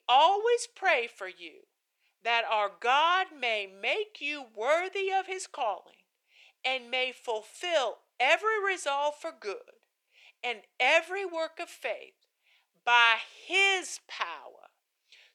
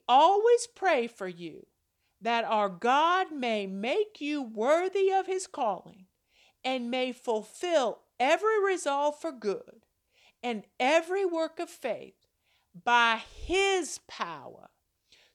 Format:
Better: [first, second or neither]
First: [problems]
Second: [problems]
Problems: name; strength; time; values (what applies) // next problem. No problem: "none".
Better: second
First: thin; very; fading below 450 Hz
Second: none